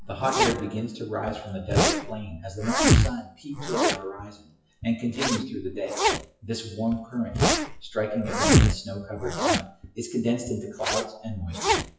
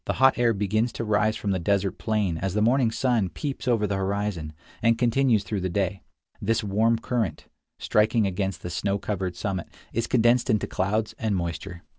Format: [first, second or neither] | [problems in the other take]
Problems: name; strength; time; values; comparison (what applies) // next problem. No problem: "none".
second | noise reduction (classical method WPE with log-MMSE)